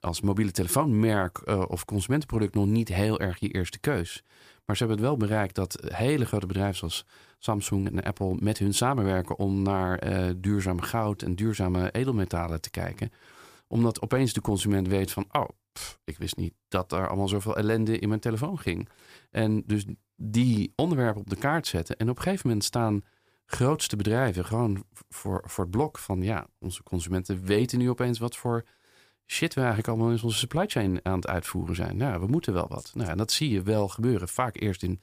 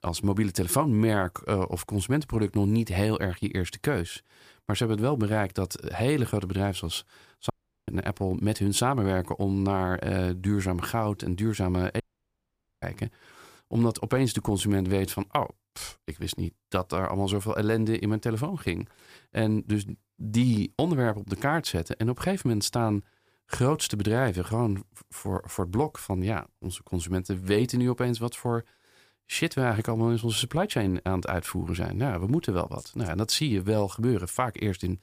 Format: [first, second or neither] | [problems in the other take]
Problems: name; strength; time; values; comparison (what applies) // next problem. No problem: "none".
first | audio cutting out; at 7.5 s and at 12 s for 1 s